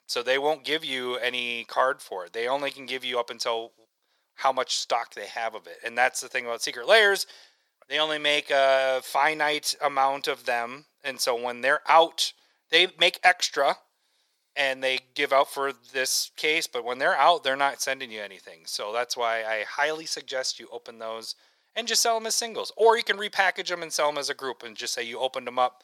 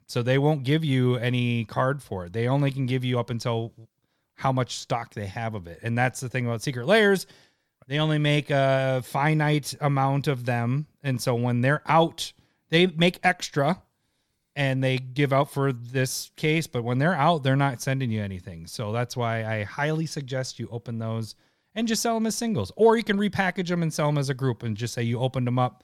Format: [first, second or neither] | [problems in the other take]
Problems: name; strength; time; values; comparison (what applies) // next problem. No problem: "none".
second | thin; very; fading below 500 Hz